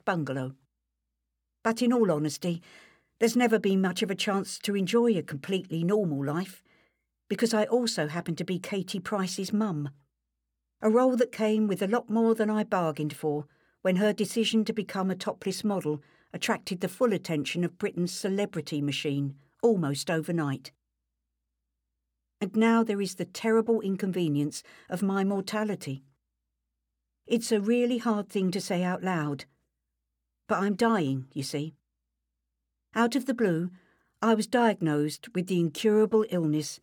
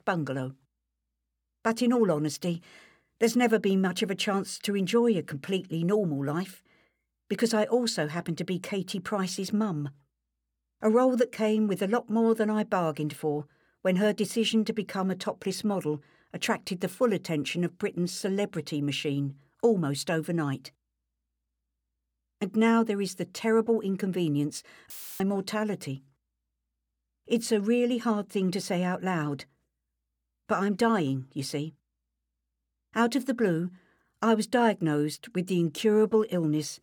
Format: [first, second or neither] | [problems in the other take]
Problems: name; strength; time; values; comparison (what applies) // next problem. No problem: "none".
first | audio cutting out; filled with static; at 25 s